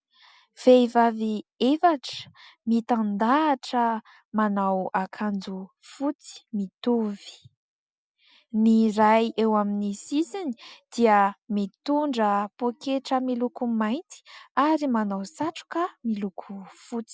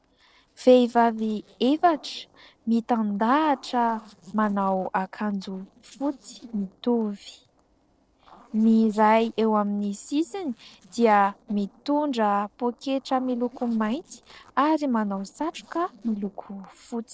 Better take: first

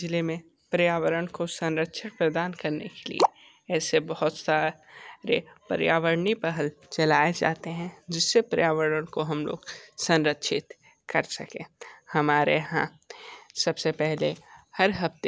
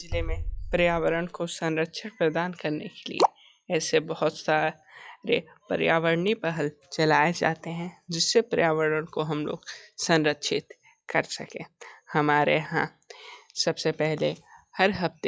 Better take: first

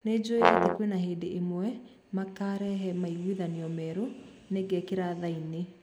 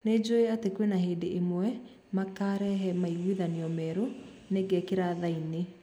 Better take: second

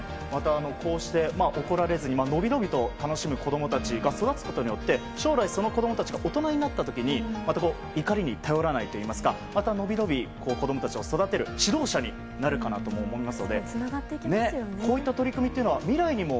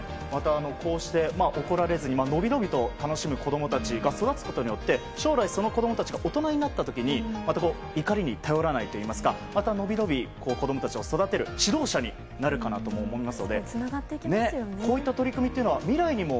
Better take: second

